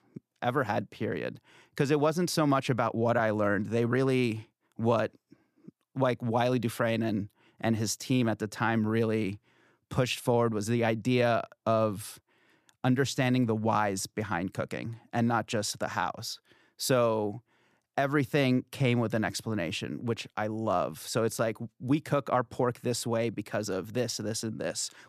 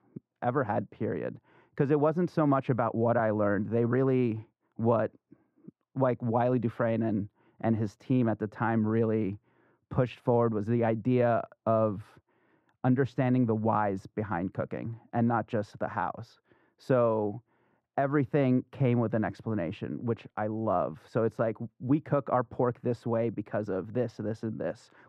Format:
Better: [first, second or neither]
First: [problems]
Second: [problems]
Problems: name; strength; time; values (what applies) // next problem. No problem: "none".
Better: first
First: none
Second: muffled; very; fading above 3 kHz